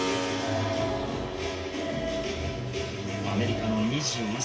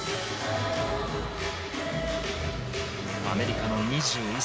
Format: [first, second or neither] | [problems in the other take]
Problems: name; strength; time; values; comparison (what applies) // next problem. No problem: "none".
second | background sound (Keyboard (musical)); 7 dB below the speech // room echo; dies away in 0.2 s